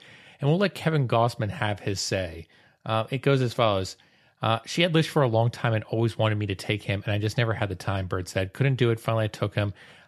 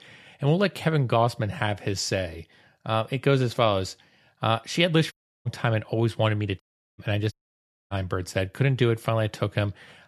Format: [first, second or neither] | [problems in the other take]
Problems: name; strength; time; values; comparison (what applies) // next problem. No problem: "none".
first | audio cutting out; at 5 s, at 6.5 s and at 7.5 s for 0.5 s